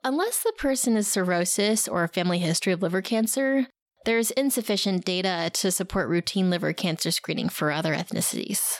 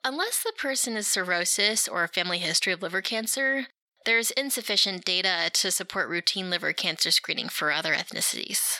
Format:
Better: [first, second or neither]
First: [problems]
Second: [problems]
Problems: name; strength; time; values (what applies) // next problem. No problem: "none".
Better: first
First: none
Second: thin; somewhat; fading below 650 Hz